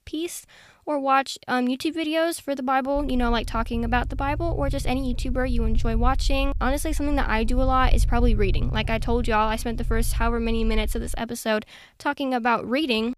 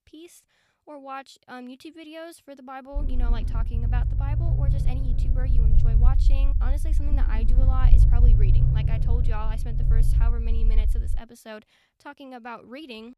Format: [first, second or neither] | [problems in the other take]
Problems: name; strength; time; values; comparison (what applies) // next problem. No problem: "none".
first | low rumble; loud; from 3 to 11 s; 2 dB below the speech; faint in the first